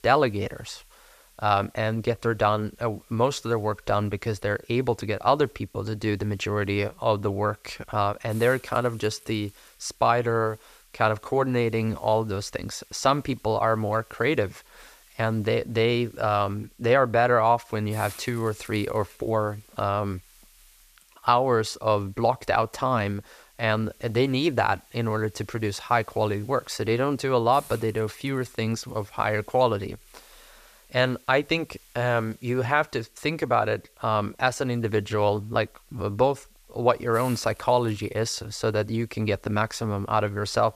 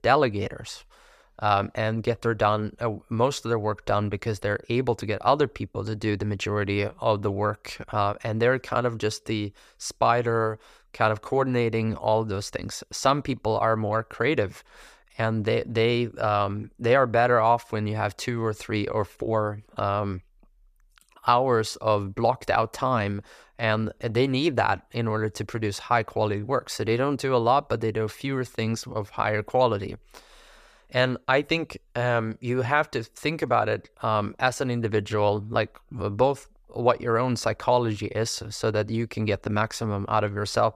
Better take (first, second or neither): second